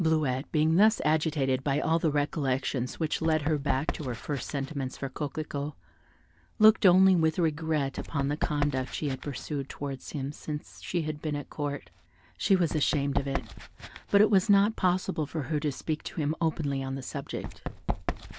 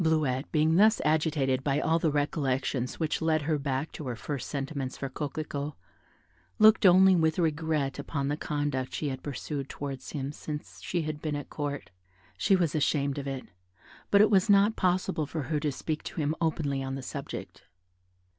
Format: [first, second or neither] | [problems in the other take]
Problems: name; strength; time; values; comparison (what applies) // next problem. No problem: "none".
second | background sound (Run); 11 dB below the speech